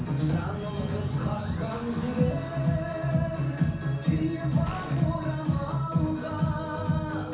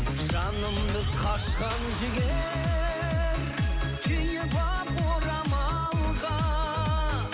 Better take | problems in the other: second | background sound (Gunshot, gunfire); 14 dB below the speech // room echo; dies away in 0.6 s

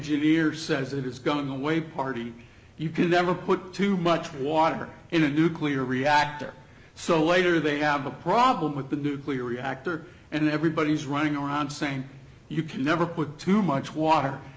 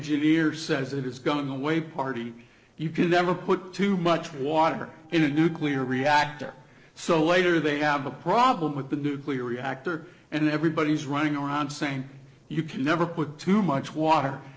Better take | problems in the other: first | noise reduction (neural separator model SepFormer DNS4)

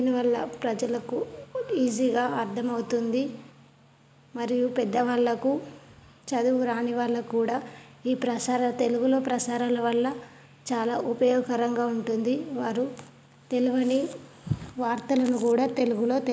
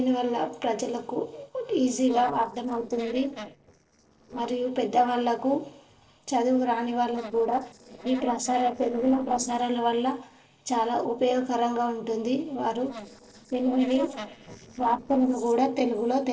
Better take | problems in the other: first | noise reduction (neural separator model SepFormer DNS4)

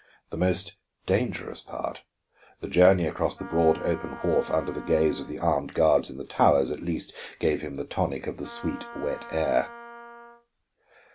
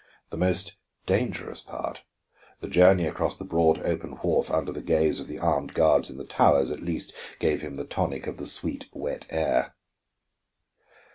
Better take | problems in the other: second | background sound (Wind instrument, woodwind instrument); 16 dB below the speech

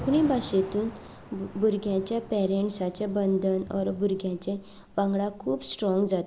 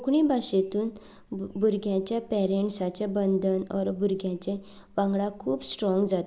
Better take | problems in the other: second | background sound (Thunder / Rain); 17 dB below the speech

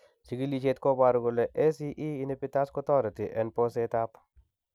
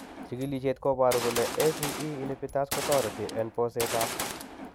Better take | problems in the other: first | background sound (Gunshot, gunfire); 6 dB below the speech

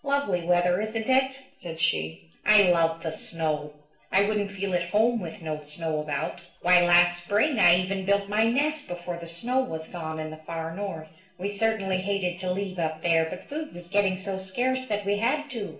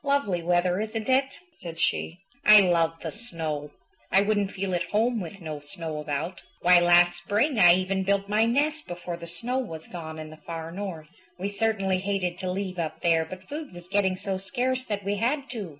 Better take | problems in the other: second | room echo; dies away in 0.5 s

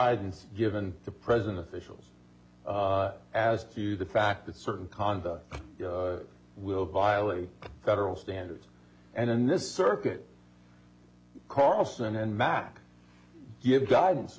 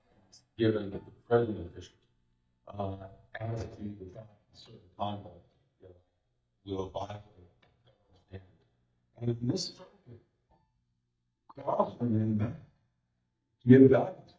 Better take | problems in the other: first | noise reduction (neural mask model DeepFilterNet 3)

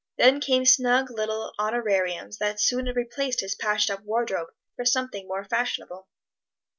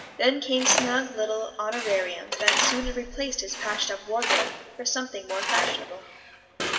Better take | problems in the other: first | background sound (Tools); 2 dB below the speech // room echo; dies away in 2 s

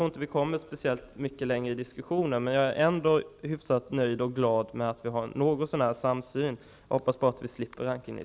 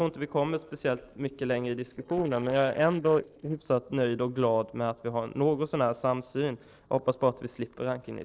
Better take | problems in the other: first | noise reduction (neural separator model SepFormer DNS4)

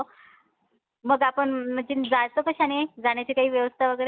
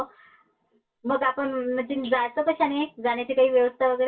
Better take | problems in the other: first | room echo; dies away in 0.1 s

